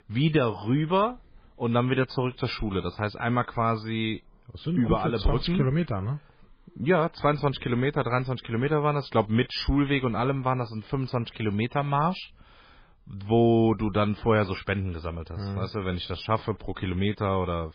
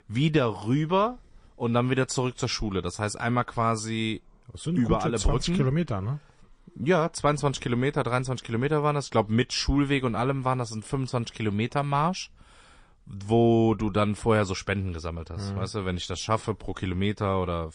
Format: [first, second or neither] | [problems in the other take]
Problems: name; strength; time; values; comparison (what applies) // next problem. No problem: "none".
second | garbled, watery; badly; nothing above 5 kHz; slightly in the second